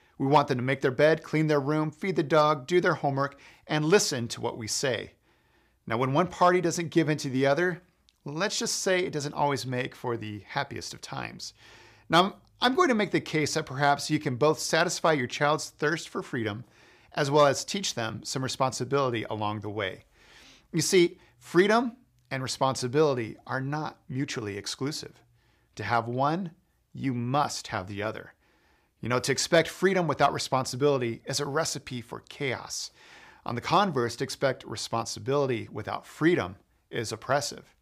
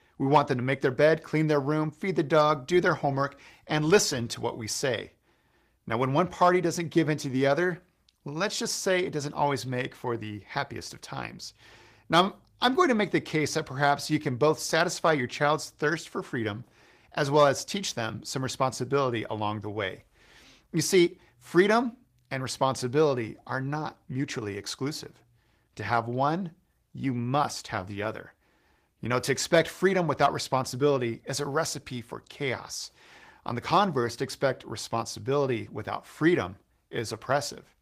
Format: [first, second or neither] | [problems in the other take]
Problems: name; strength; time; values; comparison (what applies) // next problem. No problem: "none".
first | garbled, watery; slightly; nothing above 15 kHz